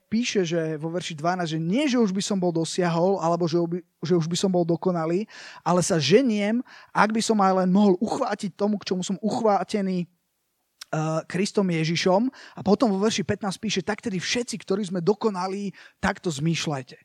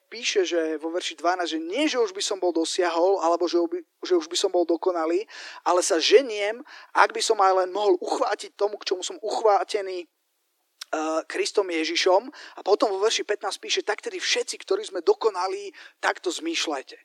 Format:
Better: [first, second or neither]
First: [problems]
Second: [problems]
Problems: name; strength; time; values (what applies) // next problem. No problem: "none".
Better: first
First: none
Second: thin; very; fading below 300 Hz